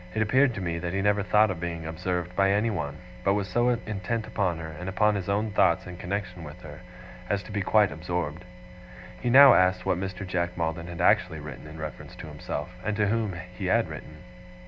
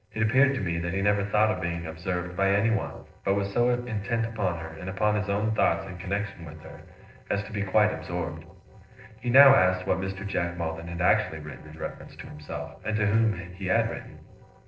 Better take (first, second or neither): first